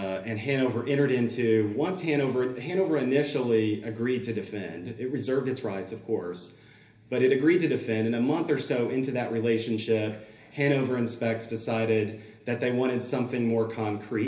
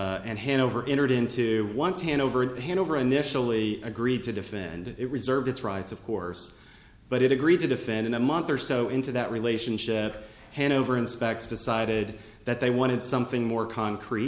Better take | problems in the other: second | room echo; dies away in 0.3 s

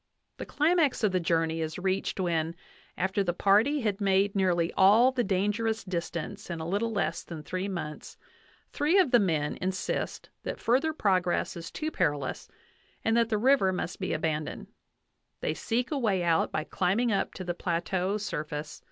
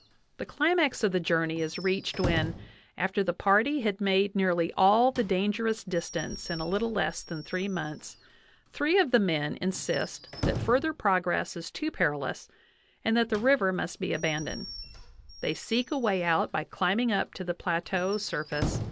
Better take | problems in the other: first | background sound (Squeak / Slam / Wood); 13 dB below the speech

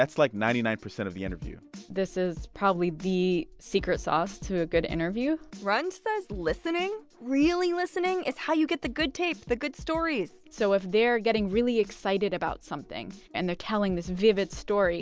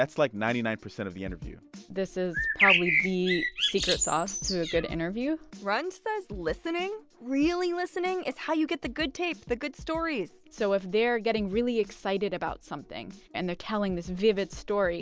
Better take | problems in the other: first | background sound (Bird); 2 dB above the speech

